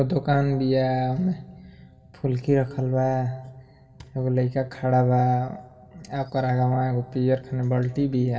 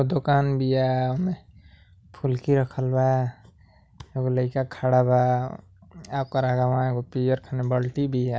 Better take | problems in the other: second | room echo; dies away in 2 s

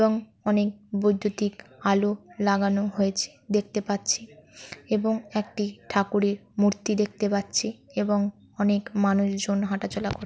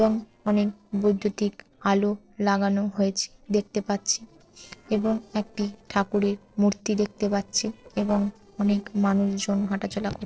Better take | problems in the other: first | noise reduction (neural separator model SepFormer DNS4)

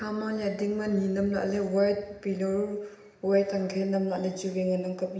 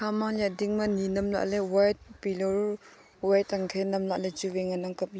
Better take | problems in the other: second | room echo; dies away in 0.8 s

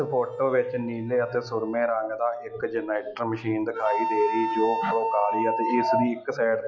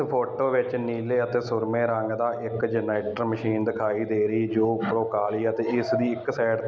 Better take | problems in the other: second | noise reduction (classical method log-MMSE)

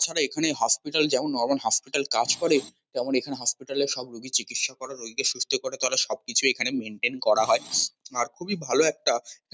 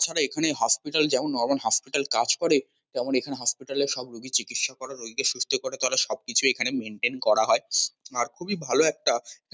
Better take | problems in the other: second | background sound (Screech); 18 dB below the speech

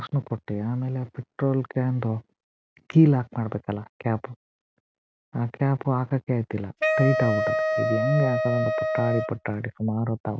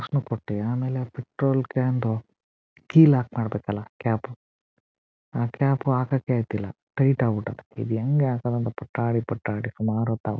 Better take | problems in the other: second | background sound (Wind instrument, woodwind instrument); as loud as the speech

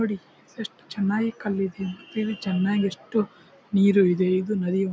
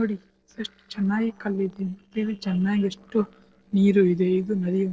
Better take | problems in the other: first | noise reduction (neural separator model SepFormer DNS4)

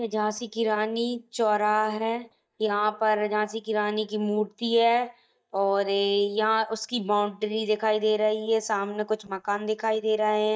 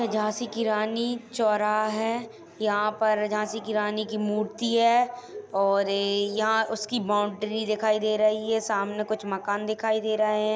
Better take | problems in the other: second | noise reduction (neural mask model DeepFilterNet 3)

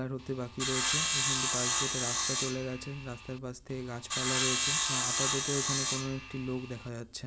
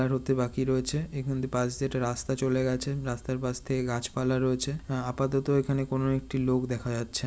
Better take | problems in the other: second | background sound (Sawing); 5 dB above the speech

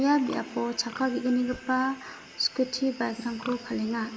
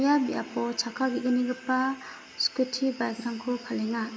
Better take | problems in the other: second | background sound (Livestock, farm animals, working animals); 19 dB below the speech

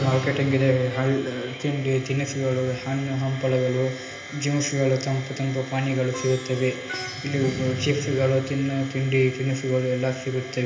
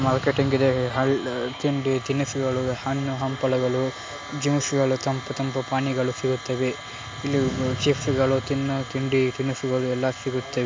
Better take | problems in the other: second | background sound (Plucked string instrument); 19 dB below the speech // room echo; dies away in 0.8 s

